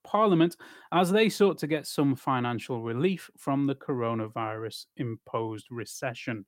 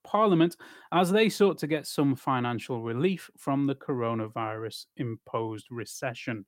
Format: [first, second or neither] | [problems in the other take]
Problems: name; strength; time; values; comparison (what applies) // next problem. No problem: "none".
neither | none